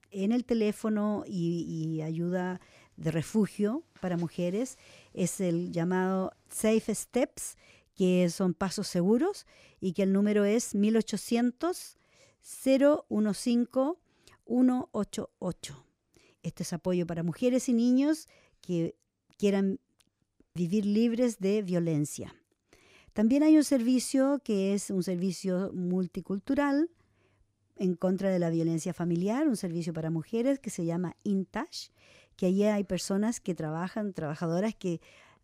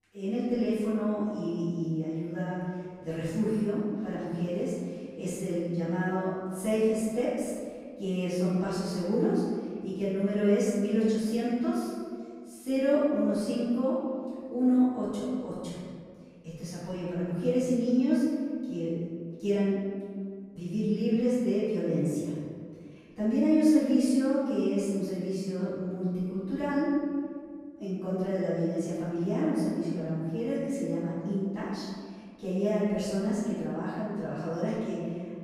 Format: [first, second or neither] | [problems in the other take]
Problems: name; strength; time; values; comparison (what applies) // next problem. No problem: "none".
first | room echo; strong; dies away in 1.9 s // off-mic speech; far